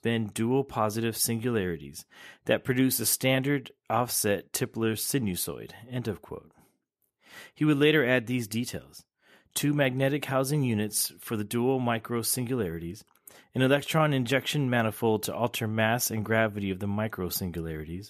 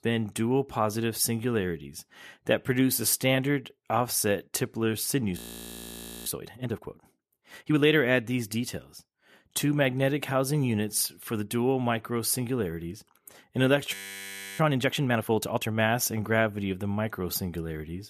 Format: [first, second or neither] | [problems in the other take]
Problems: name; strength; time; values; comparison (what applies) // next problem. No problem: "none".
first | audio freezing; at 5.5 s for 1 s and at 14 s for 0.5 s